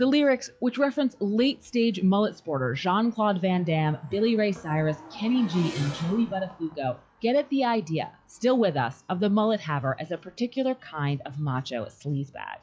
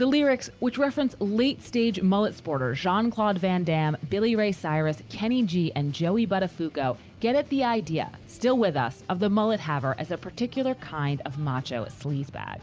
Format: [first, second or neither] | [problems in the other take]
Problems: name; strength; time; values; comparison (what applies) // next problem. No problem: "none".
second | noise reduction (classical method log-MMSE)